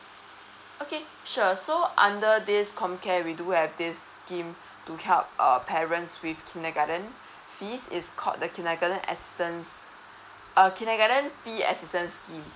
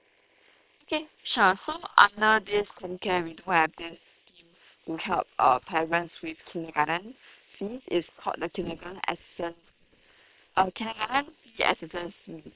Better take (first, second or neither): first